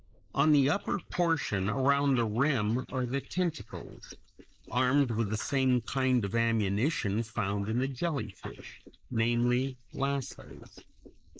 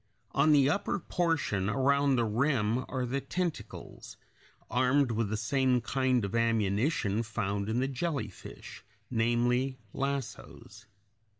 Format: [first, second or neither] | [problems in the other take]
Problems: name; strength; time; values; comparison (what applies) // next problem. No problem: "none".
second | noise reduction (neural mask model Resemble Enhance denoiser)